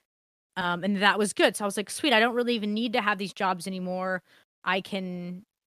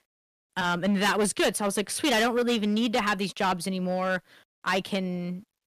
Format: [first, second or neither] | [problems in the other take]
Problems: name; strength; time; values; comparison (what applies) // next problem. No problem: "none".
first | distortion; heavy; 10% of the sound clipped